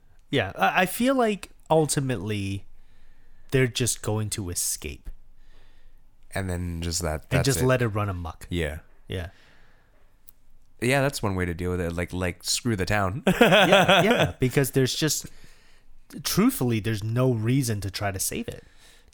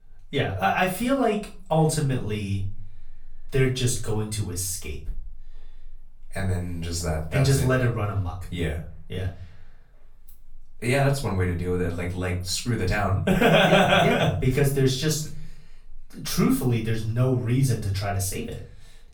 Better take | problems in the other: first | off-mic speech; far // room echo; slight; dies away in 0.4 s

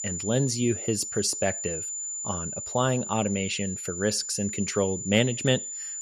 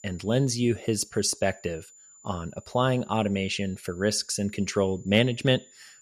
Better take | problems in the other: second | high-pitched whine; loud; throughout; 7 kHz, 5 dB below the speech; faint in the second

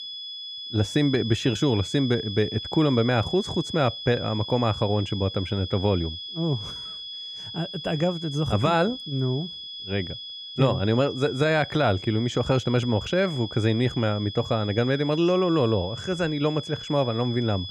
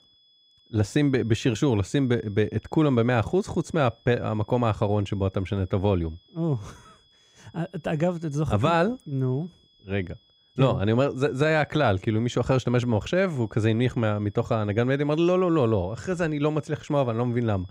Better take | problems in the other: second | high-pitched whine; loud; throughout; 3.5 kHz, 10 dB below the speech; faint in the second

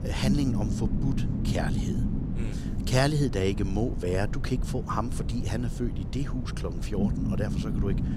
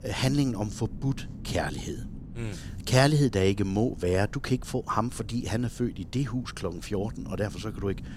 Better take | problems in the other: second | low rumble; loud; throughout; 7 dB below the speech; faint in the second

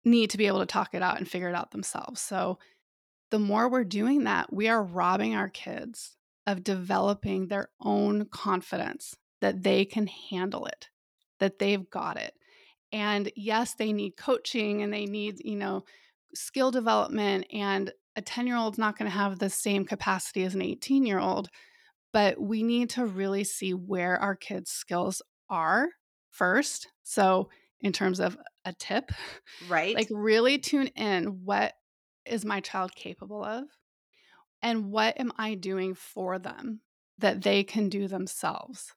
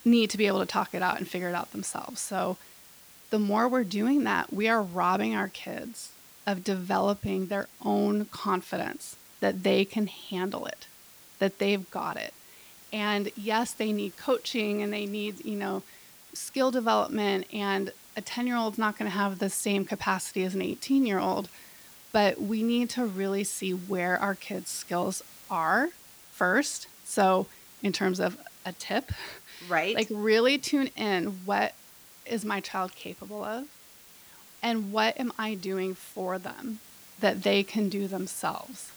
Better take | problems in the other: first | hiss; faint; throughout; 20 dB below the speech

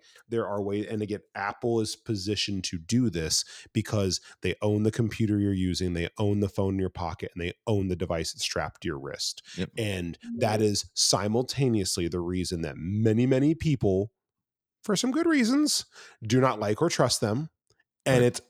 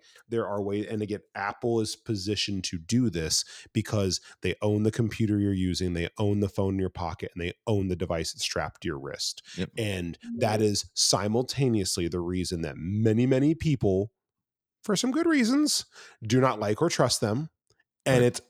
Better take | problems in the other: neither | alarm; noticeable; at 10 s; peak 8 dB below the speech; the same in both

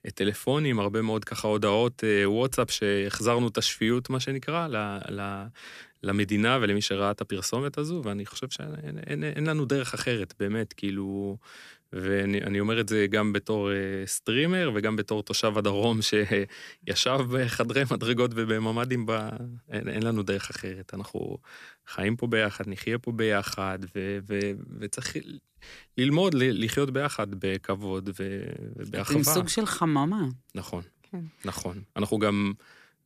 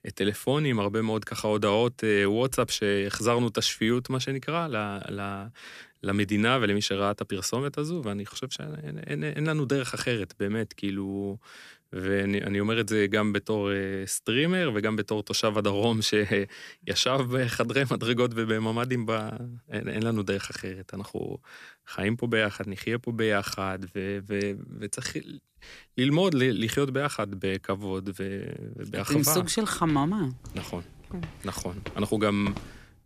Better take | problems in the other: first | footsteps; faint; from 30 s on; peak 10 dB below the speech

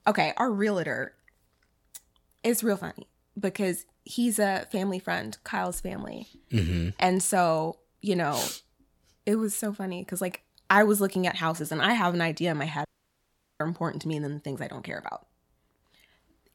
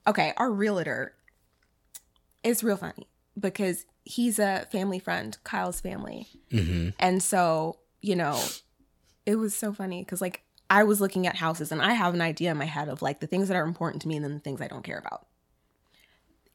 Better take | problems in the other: second | audio cutting out; at 13 s for 1 s

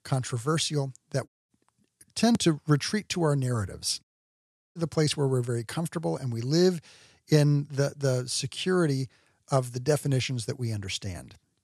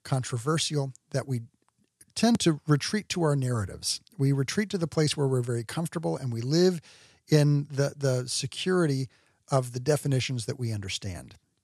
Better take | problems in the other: second | audio cutting out; at 1.5 s and at 4 s for 0.5 s

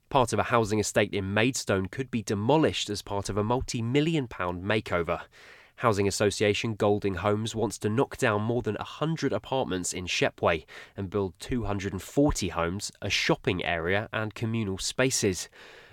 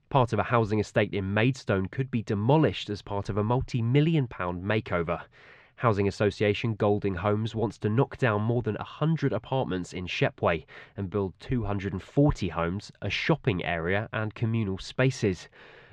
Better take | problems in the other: first | muffled; slightly; fading above 3 kHz

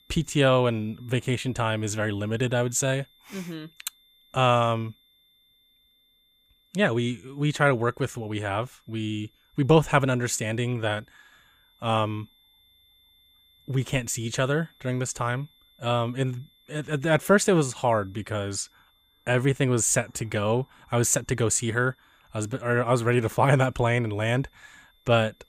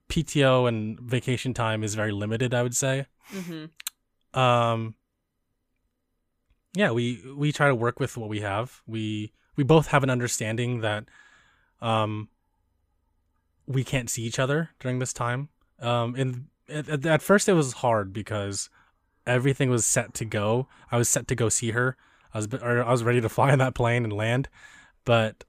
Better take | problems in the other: second | high-pitched whine; faint; throughout; 3.5 kHz, 35 dB below the speech

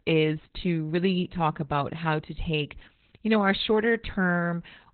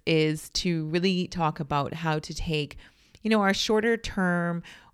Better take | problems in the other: second | garbled, watery; badly; nothing above 4 kHz

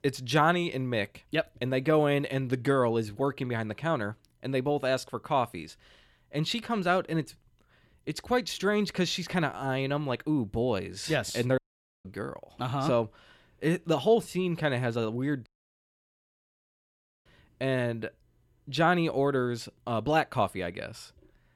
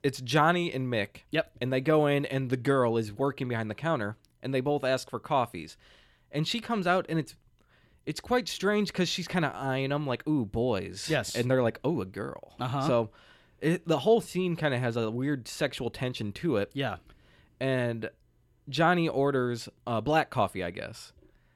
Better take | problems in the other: second | audio cutting out; at 12 s and at 15 s for 2 s

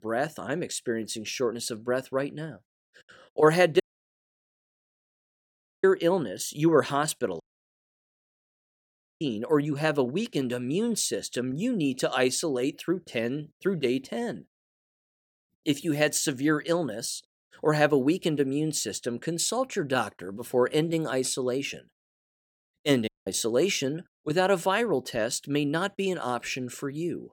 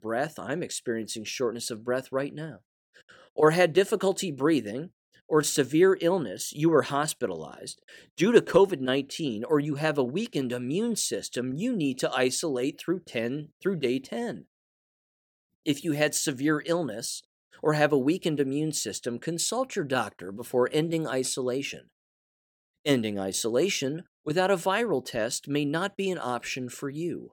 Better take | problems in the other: second | audio cutting out; at 4 s for 2 s, at 7.5 s for 2 s and at 23 s

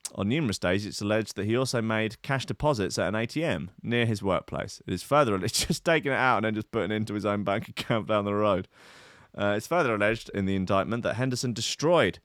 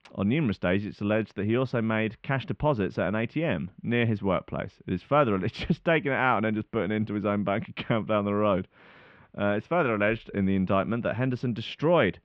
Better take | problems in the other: first | muffled; very; fading above 3 kHz

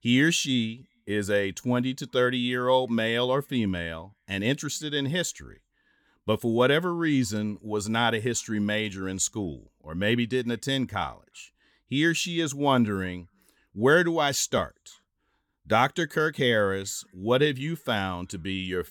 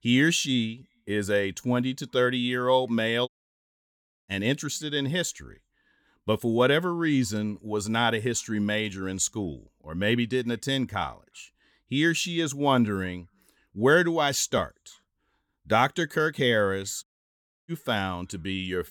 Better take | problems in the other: first | audio cutting out; at 3.5 s for 1 s and at 17 s for 0.5 s

